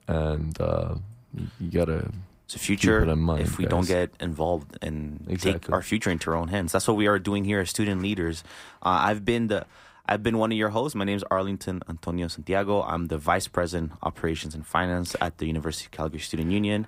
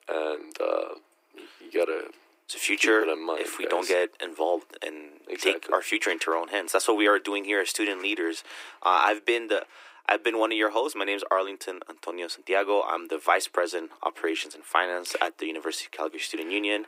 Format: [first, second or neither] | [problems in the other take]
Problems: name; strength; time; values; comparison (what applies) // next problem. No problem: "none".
first | thin; very; fading below 300 Hz